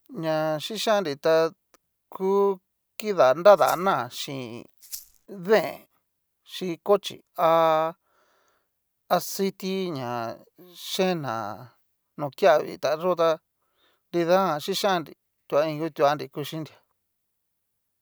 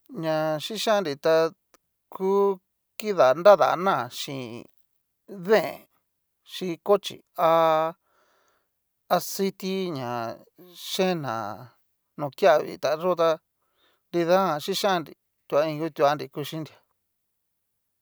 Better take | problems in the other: second | background sound (Rattle (instrument)); 16 dB below the speech

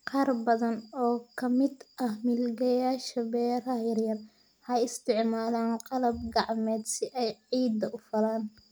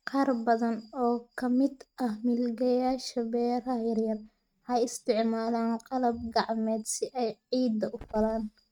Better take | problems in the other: first | noise reduction (neural mask model RNNoise)

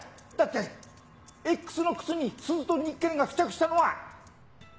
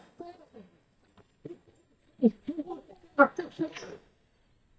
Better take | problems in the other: first | noise reduction (neural mask model DeepFilterNet 3)

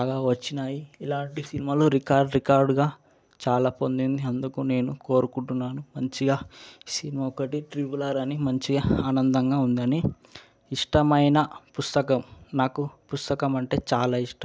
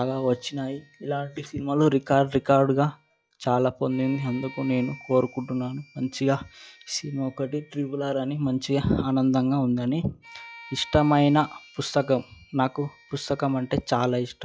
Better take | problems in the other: first | noise reduction (classical method log-MMSE)

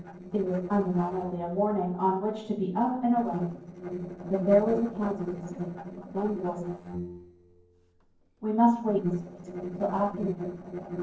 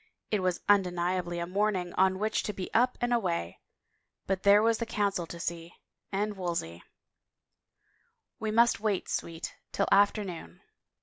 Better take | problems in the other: second | noise reduction (neural separator model SepFormer DNS4)

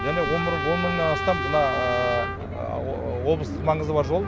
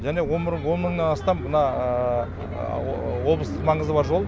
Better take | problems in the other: second | background sound (Trumpet); 6 dB below the speech

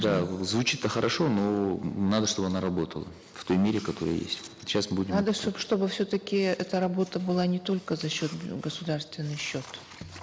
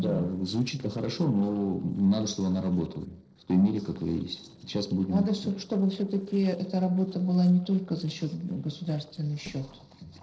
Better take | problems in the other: first | noise reduction (neural separator model SepFormer DNS4)

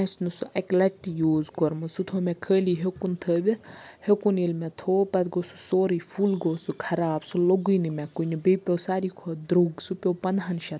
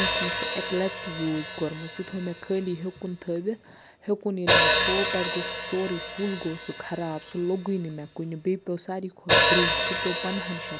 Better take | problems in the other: first | background sound (Hi-hat); 2 dB above the speech

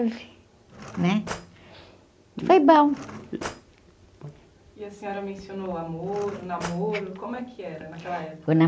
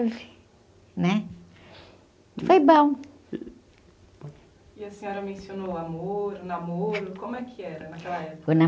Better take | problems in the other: second | background sound (Cutlery, silverware / Drawer open or close); 14 dB below the speech

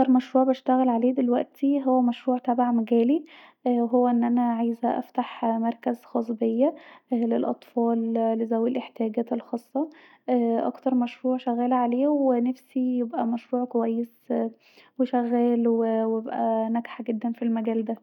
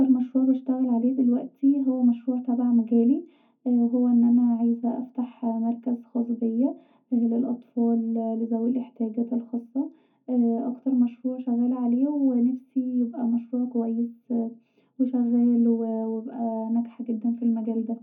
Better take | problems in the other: first | room echo; dies away in 0.3 s

